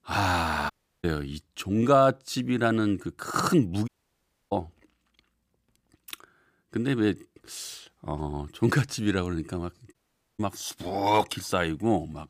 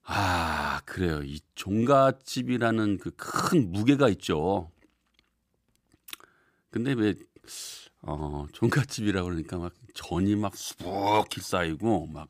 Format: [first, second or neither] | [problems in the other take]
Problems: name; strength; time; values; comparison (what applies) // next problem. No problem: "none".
second | audio cutting out; at 0.5 s, at 4 s for 0.5 s and at 10 s